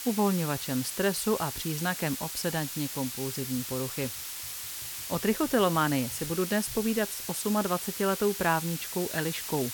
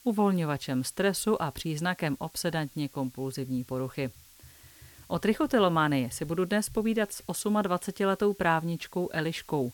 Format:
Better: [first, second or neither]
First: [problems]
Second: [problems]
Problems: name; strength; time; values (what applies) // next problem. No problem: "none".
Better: second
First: hiss; loud; throughout; 5 dB below the speech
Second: hiss; faint; throughout; 25 dB below the speech